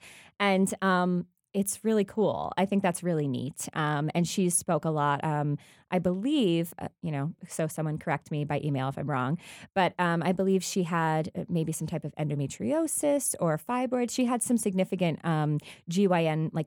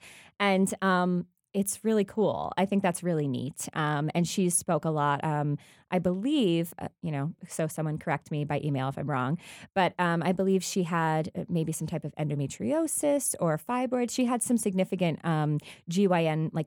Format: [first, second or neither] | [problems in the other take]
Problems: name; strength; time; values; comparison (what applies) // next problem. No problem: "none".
neither | none